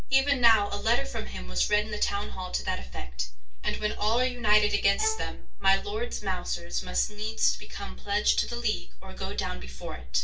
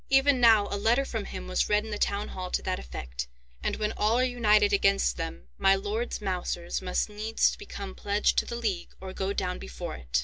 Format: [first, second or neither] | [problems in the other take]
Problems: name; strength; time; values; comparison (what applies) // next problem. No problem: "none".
second | background sound (Bowed string instrument); 18 dB below the speech // room echo; dies away in 0.2 s